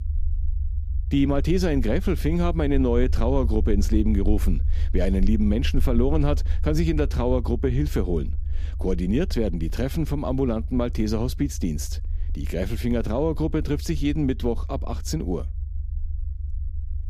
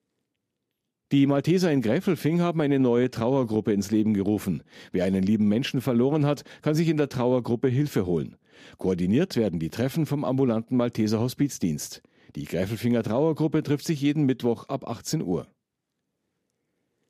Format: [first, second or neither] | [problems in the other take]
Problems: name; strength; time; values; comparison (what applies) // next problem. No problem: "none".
second | low rumble; faint; throughout; 20 dB below the speech